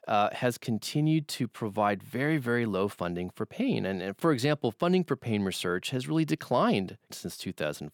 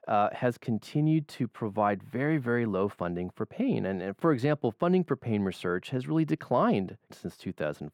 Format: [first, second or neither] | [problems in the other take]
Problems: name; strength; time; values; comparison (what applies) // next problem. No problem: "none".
first | muffled; slightly; fading above 2.5 kHz